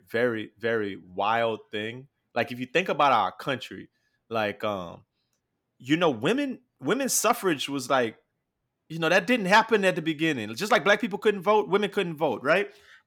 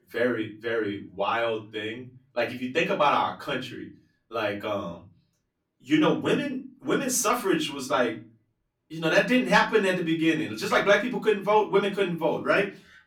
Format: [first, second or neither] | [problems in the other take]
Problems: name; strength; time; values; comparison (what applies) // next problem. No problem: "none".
first | off-mic speech; far // room echo; very slight; dies away in 0.3 s